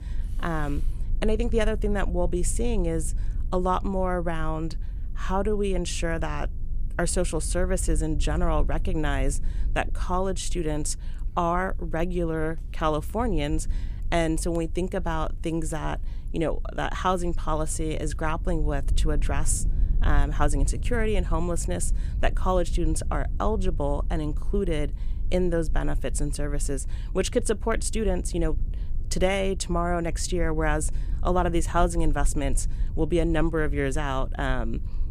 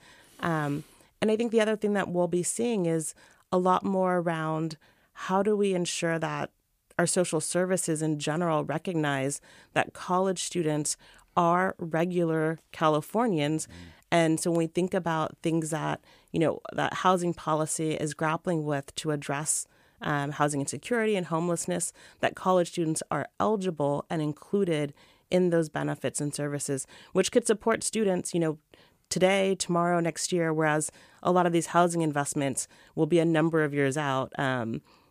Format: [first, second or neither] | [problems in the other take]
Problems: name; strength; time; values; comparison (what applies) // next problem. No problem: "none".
second | low rumble; faint; throughout; 20 dB below the speech